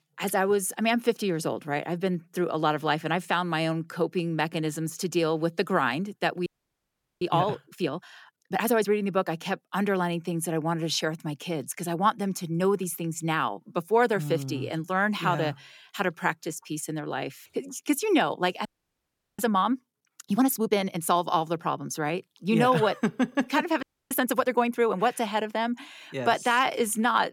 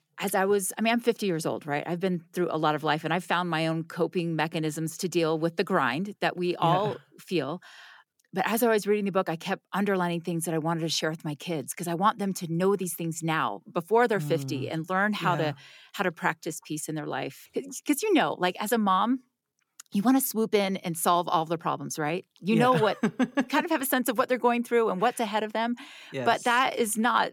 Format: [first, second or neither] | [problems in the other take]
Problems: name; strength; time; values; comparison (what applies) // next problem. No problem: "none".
second | audio freezing; at 6.5 s for 1 s, at 19 s for 0.5 s and at 24 s